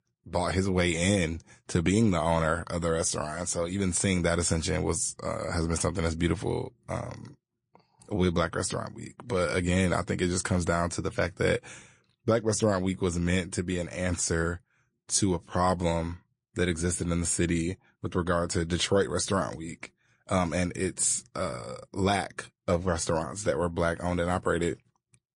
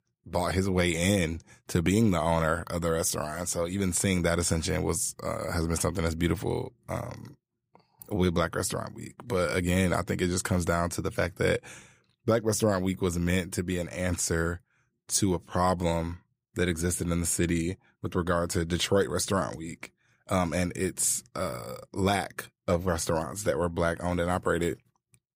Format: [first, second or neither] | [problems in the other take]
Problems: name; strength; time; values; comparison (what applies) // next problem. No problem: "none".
second | garbled, watery; slightly; nothing above 8.5 kHz